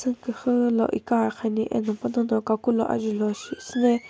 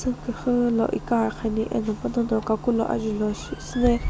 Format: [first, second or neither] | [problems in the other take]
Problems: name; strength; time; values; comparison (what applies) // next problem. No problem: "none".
first | background sound (Clock); 10 dB below the speech